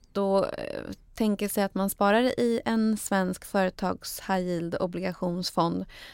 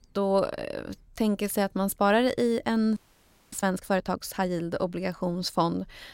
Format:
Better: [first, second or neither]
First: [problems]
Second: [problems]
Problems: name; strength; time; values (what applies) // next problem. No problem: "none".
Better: first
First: none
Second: audio freezing; at 3 s for 0.5 s